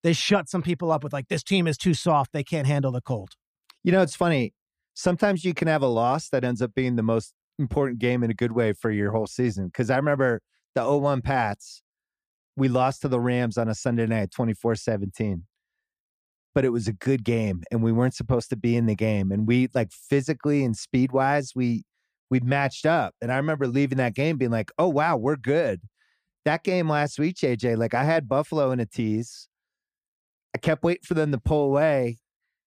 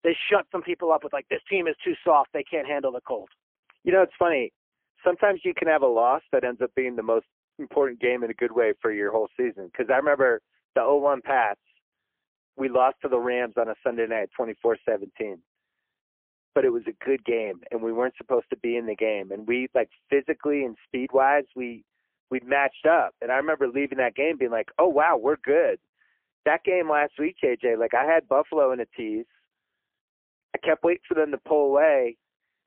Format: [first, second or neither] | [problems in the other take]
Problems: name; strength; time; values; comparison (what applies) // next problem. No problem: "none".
first | phone-call audio; poor line